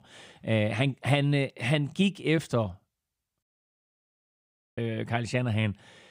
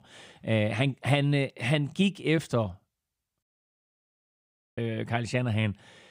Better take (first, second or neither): neither